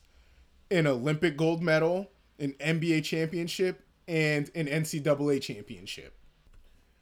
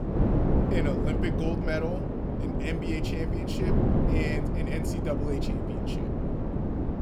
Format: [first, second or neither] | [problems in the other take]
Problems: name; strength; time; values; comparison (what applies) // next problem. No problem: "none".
first | wind noise on the microphone; heavy; 1 dB above the speech